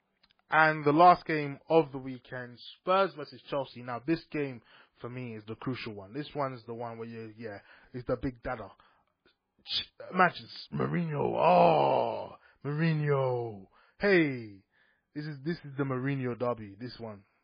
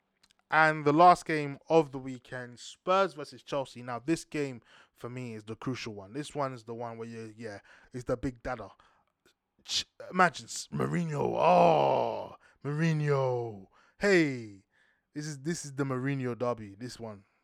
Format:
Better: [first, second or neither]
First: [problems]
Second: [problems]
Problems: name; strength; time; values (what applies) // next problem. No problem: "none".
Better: second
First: garbled, watery; badly; nothing above 5 kHz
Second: none